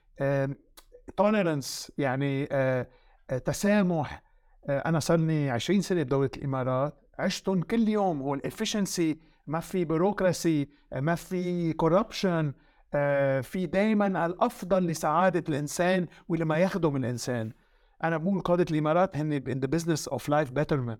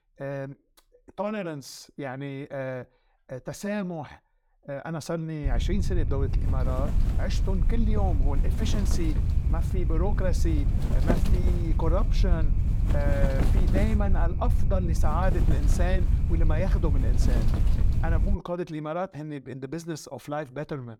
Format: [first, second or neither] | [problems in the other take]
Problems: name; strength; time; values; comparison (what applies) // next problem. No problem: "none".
first | wind noise on the microphone; heavy; from 5.5 to 18 s; 6 dB below the speech